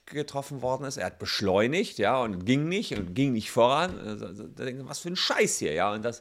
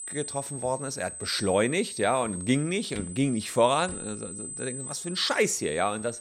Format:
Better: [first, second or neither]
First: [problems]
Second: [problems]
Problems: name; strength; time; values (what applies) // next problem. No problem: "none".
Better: first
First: none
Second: high-pitched whine; loud; throughout; 8 kHz, 9 dB below the speech